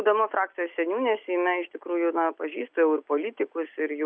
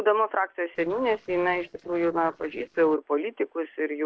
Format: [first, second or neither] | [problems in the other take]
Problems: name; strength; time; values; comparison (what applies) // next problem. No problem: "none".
first | noise reduction (neural separator model SepFormer DNS4)